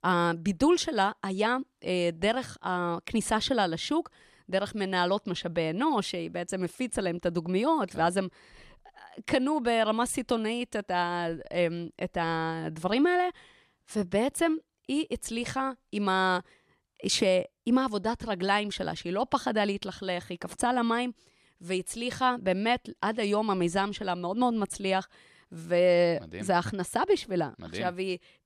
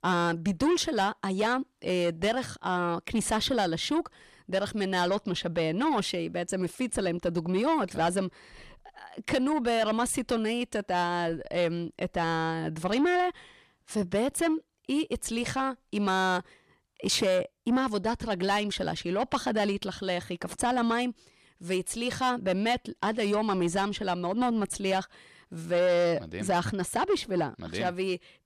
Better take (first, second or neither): first